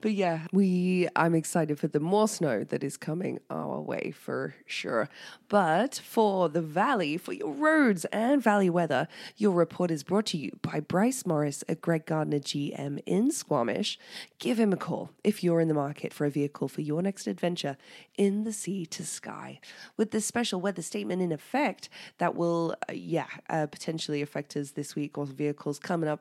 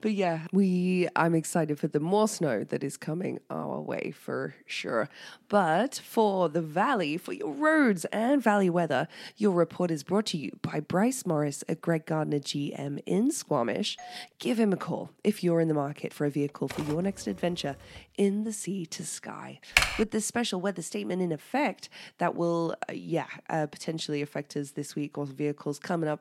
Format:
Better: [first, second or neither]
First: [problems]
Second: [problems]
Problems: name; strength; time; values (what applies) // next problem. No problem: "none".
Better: first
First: none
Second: doorbell; faint; at 14 s; peak 20 dB below the speech // keyboard typing; faint; from 16 to 18 s; peak 10 dB below the speech // keyboard typing; loud; at 20 s; peak 5 dB above the speech